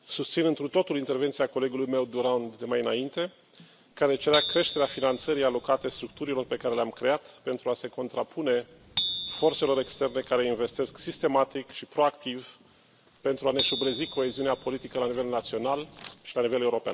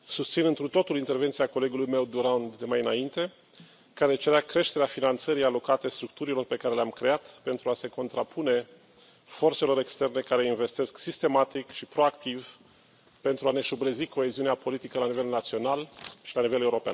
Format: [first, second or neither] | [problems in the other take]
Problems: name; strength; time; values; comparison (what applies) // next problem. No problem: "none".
second | background sound (Bicycle bell); 9 dB below the speech